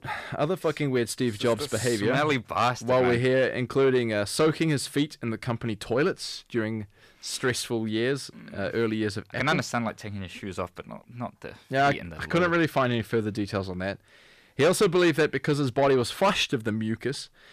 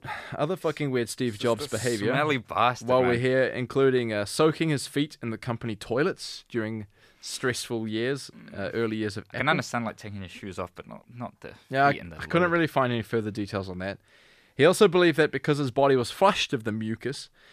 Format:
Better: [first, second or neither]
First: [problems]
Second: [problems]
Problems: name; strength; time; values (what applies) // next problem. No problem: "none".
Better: second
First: distortion; slight; 10 dB below the speech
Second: none